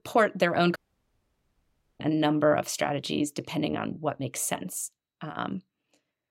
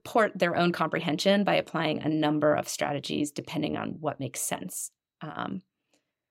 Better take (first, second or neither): second